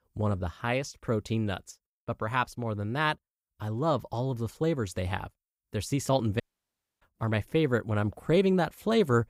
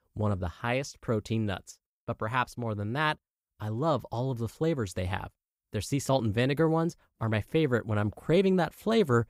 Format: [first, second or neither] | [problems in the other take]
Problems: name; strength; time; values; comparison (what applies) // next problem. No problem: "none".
second | audio cutting out; at 6.5 s for 0.5 s